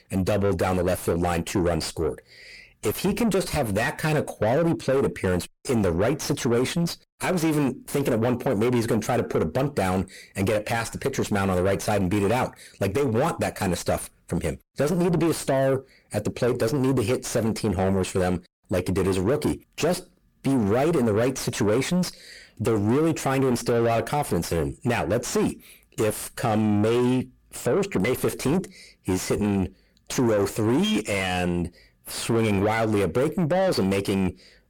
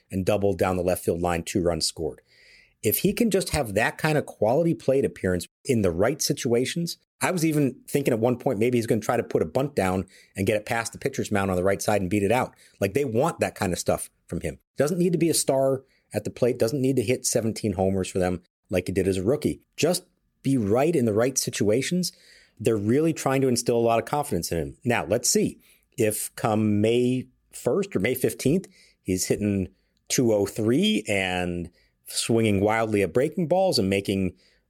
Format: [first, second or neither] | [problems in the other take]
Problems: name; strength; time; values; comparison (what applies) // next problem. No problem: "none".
second | distortion; heavy; 7 dB below the speech